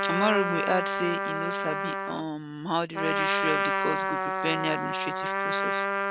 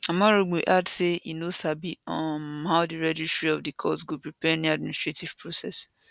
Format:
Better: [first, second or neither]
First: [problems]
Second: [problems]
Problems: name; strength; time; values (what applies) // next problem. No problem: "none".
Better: second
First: background sound (Trumpet); 2 dB above the speech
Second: none